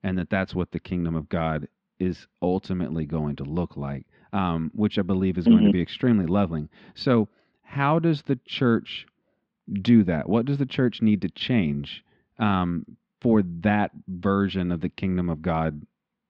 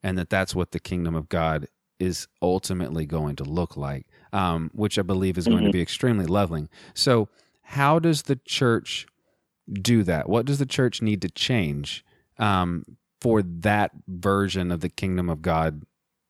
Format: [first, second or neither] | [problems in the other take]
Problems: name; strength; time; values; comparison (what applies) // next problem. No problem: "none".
second | muffled; slightly; fading above 3.5 kHz